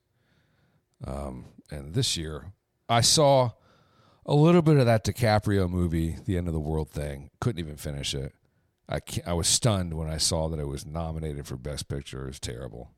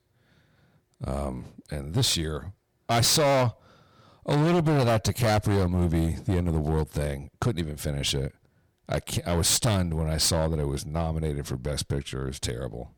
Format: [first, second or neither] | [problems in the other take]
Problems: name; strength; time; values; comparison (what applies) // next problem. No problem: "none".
first | distortion; heavy; 10% of the sound clipped